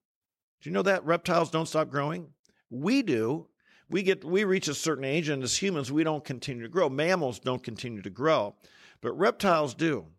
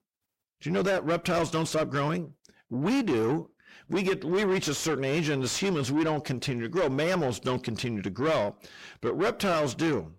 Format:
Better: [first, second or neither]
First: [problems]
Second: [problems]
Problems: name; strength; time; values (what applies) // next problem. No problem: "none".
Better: first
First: none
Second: distortion; heavy; 7 dB below the speech